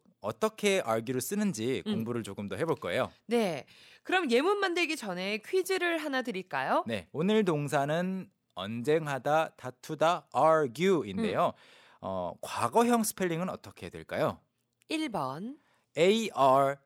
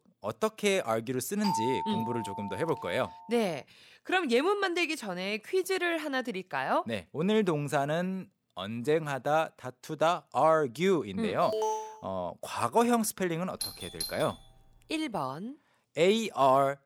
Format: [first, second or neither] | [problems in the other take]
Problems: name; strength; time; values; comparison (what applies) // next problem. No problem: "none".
first | doorbell; noticeable; from 1.5 to 3 s and at 14 s; peak 2 dB below the speech // alarm; noticeable; at 11 s; peak 1 dB below the speech